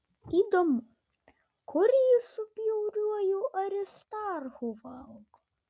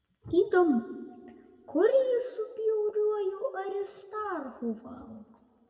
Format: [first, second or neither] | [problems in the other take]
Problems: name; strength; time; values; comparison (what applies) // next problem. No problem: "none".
first | room echo; dies away in 1.4 s